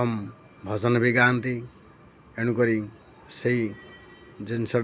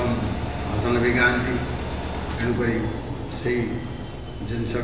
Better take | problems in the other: first | background sound (Engine); 3 dB below the speech // room echo; dies away in 1 s

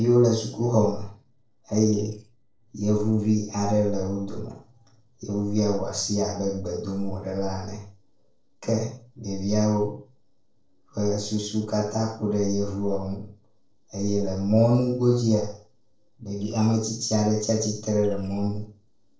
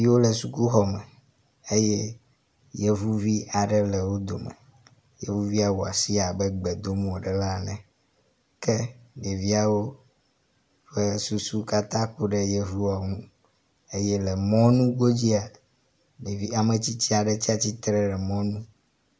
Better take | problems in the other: second | noise reduction (neural separator model SepFormer DNS4)

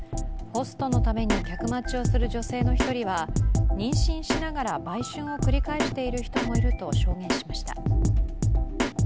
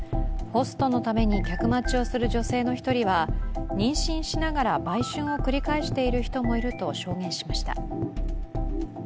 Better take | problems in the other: second | background sound (Drum kit); 3 dB above the speech

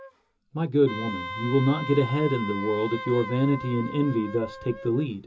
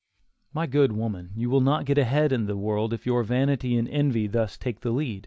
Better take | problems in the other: second | background sound (Wind instrument, woodwind instrument); 11 dB below the speech // room echo; dies away in 0.2 s

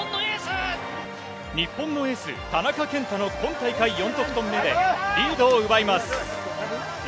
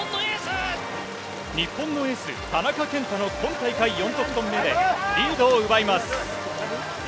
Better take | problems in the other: first | background sound (Stream); 13 dB below the speech

